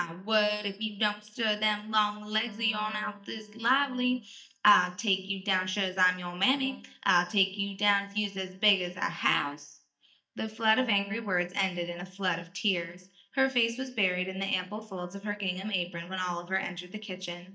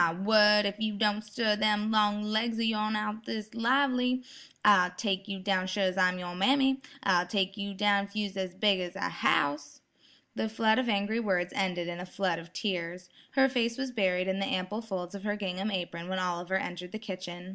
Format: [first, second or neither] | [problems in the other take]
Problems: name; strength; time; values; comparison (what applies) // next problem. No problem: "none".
second | noise reduction (neural mask model DeepFilterNet 3)